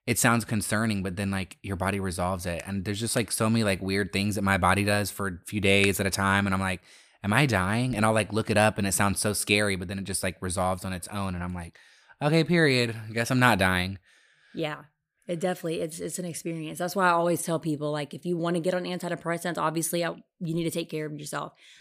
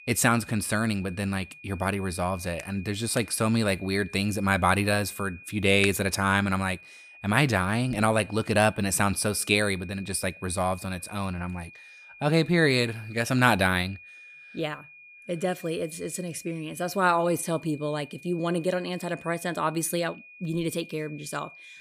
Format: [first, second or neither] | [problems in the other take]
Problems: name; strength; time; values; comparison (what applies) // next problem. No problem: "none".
first | high-pitched whine; noticeable; throughout; 2.5 kHz, 20 dB below the speech